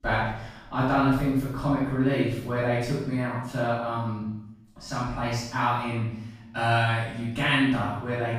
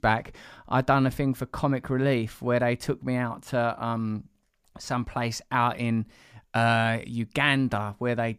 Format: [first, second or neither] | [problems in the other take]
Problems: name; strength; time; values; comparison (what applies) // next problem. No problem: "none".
second | room echo; strong; dies away in 0.7 s // off-mic speech; far